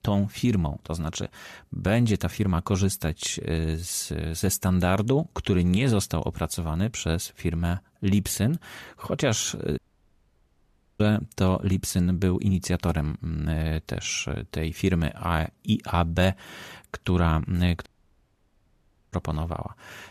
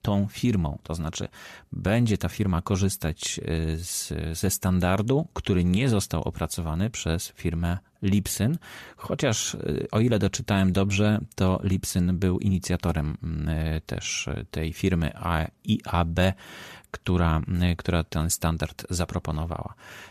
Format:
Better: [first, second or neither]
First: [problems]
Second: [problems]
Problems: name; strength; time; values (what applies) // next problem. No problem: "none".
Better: second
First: audio cutting out; at 10 s for 1 s and at 18 s for 1.5 s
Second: none